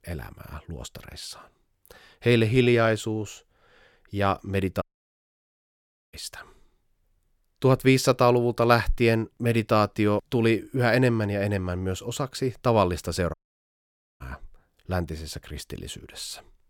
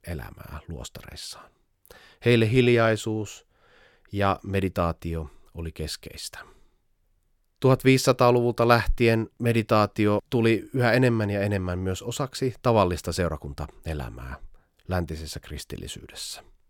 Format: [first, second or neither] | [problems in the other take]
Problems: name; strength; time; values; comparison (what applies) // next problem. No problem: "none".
second | audio cutting out; at 5 s for 1.5 s and at 13 s for 1 s